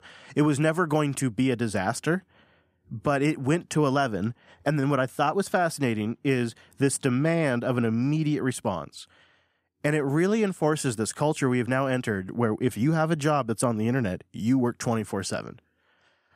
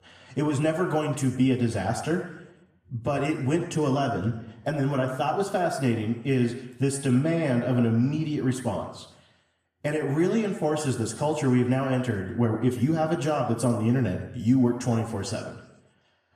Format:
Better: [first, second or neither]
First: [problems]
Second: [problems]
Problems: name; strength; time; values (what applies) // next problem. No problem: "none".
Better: first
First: none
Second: room echo; noticeable; dies away in 0.8 s // off-mic speech; somewhat distant